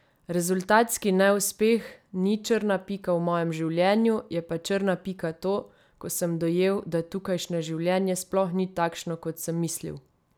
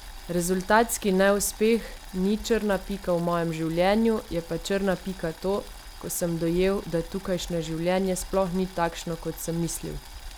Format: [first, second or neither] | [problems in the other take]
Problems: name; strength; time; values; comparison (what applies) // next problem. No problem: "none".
first | background sound (Boiling); 15 dB below the speech